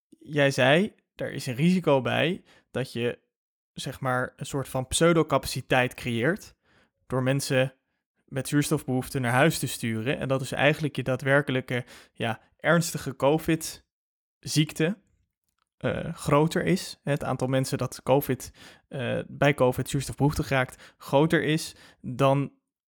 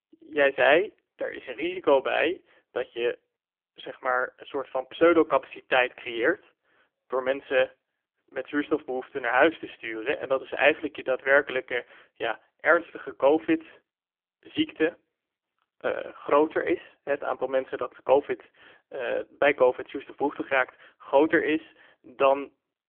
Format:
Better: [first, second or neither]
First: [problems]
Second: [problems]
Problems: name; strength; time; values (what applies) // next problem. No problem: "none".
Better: first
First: none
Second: phone-call audio; poor line; nothing above 3 kHz